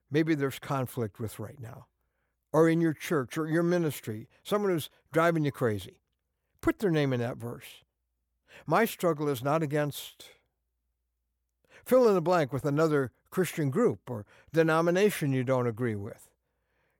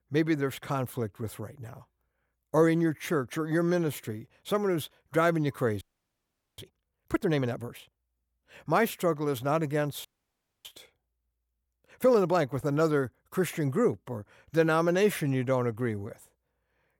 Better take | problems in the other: first | audio freezing; at 6 s for 1 s and at 10 s for 0.5 s

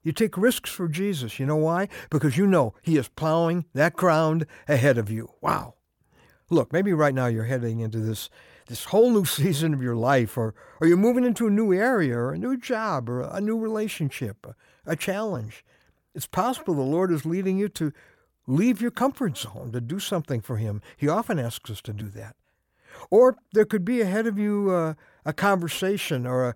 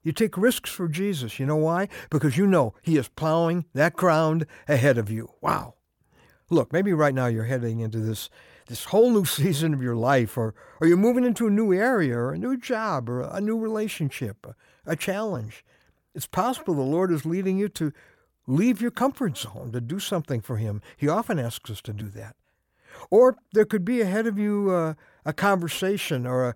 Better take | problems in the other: neither | none

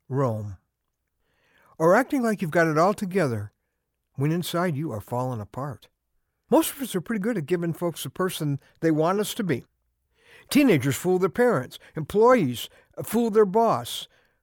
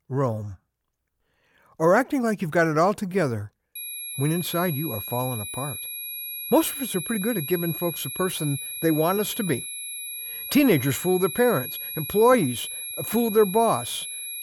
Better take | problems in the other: first | high-pitched whine; loud; from 4 s on; 11.5 kHz, 7 dB below the speech

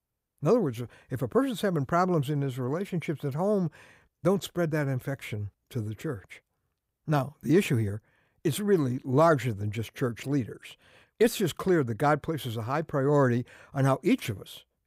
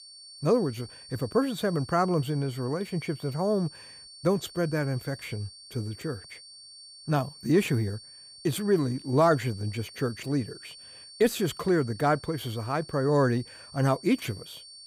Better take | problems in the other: first | high-pitched whine; noticeable; throughout; 4.5 kHz, 15 dB below the speech

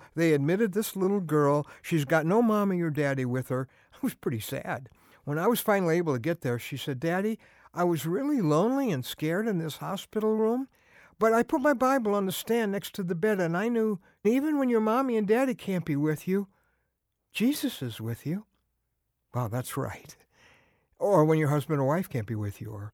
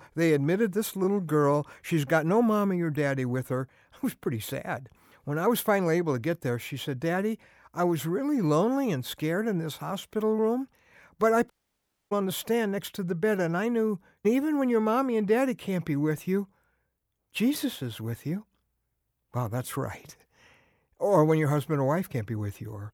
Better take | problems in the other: first | audio cutting out; at 12 s for 0.5 s

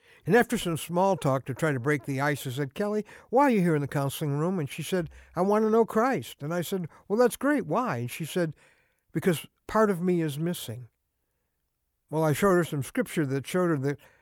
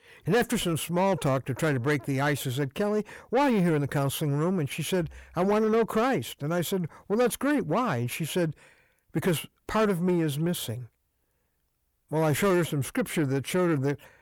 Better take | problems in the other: first | distortion; slight; 10 dB below the speech

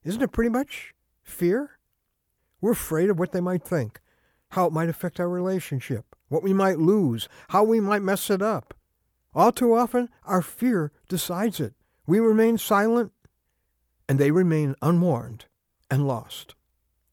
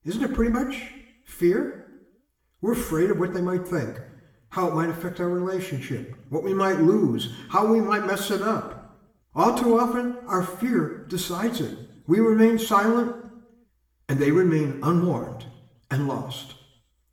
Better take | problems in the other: first | room echo; slight; dies away in 0.8 s // off-mic speech; somewhat distant

